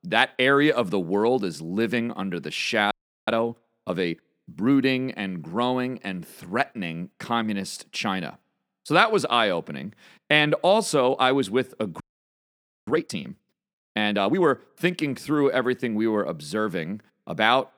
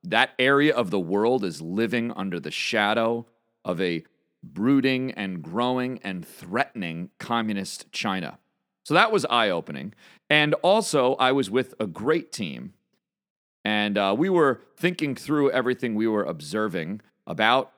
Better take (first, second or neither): second